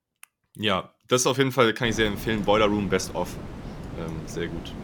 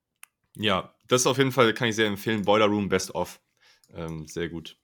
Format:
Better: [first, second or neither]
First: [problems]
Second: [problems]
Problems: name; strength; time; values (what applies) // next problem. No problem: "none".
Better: second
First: wind noise on the microphone; occasional gusts; from 2 s on; 15 dB below the speech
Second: none